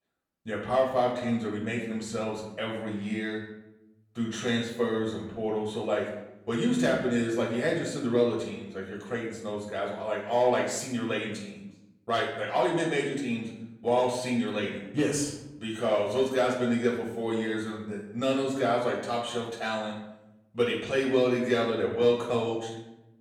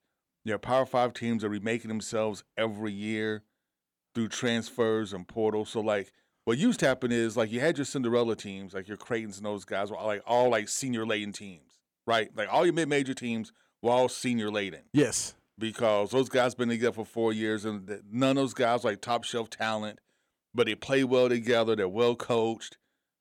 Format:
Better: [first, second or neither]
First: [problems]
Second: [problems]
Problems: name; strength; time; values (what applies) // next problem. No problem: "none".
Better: second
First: off-mic speech; far // room echo; noticeable; dies away in 0.8 s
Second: none